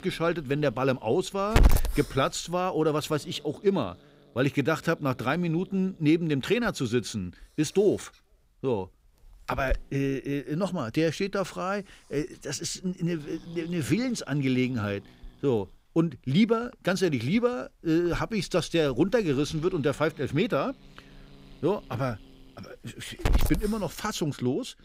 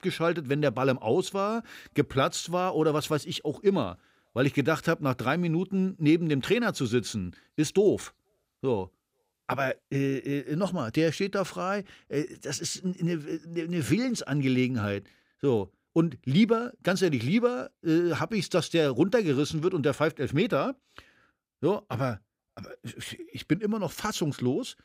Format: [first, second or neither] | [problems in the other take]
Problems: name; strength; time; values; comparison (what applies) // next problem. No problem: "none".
second | hiss; loud; throughout; 3 dB below the speech